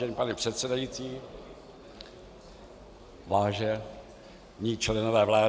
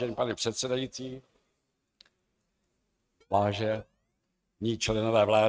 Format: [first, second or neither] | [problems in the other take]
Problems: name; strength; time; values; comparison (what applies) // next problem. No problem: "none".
first | noise reduction (neural mask model RNNoise)